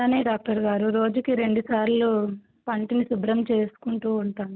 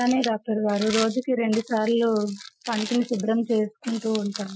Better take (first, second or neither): first